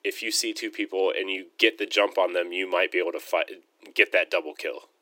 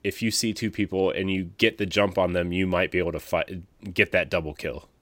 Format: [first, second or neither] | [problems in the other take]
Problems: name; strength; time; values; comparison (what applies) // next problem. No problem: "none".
second | thin; very; fading below 300 Hz